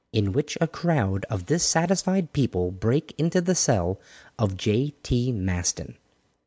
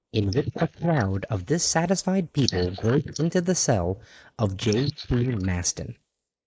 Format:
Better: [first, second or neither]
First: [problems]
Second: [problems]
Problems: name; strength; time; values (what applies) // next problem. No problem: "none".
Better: first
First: none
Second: noise reduction (neural mask model Resemble Enhance denoiser)